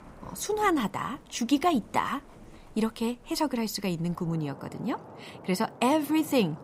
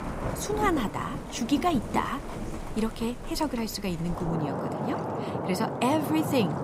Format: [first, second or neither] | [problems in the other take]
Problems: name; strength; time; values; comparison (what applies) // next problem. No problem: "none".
first | rain or running water; loud; throughout; 4 dB below the speech; faint in the first